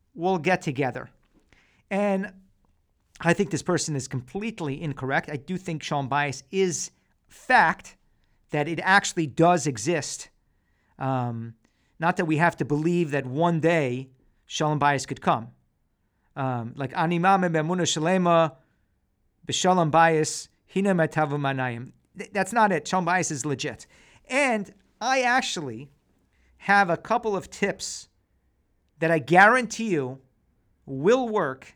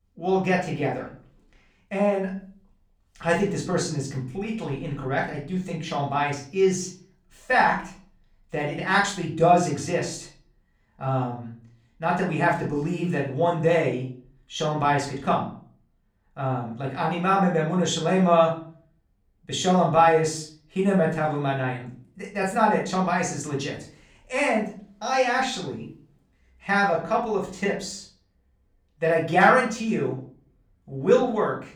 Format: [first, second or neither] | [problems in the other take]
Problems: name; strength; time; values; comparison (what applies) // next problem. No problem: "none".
first | off-mic speech; far // room echo; slight; dies away in 0.4 s